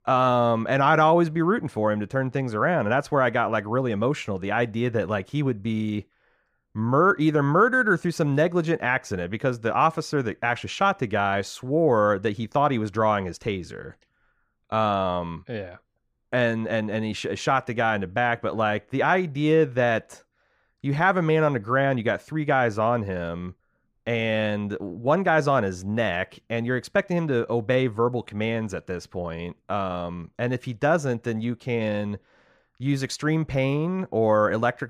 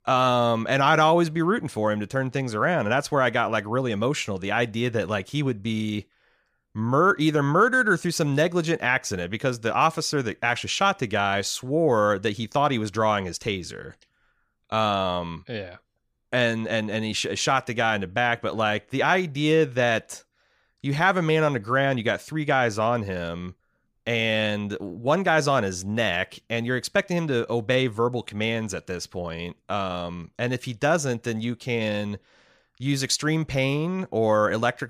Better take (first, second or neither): second